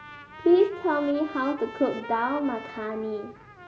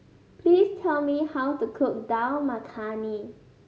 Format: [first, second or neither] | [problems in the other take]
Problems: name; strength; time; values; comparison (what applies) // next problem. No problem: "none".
second | background sound (Trumpet); 16 dB below the speech